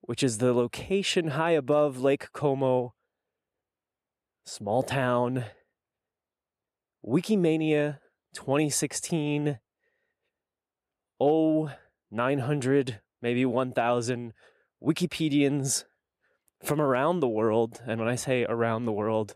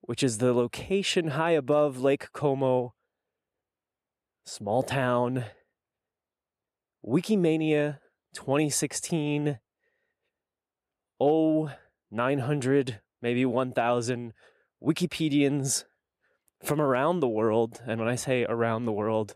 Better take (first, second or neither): neither